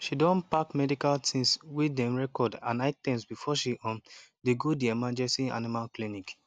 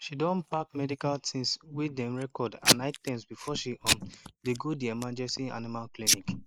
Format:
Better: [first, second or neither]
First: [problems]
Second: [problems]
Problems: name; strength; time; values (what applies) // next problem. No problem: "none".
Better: first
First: none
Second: noise reduction (neural mask model Resemble Enhance denoiser)